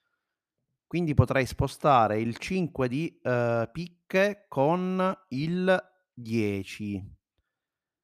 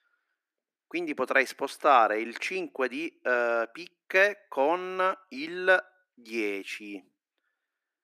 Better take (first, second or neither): first